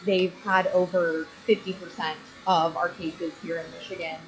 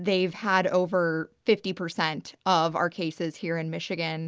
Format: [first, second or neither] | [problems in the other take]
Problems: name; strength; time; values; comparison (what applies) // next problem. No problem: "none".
second | noise reduction (classical method log-MMSE)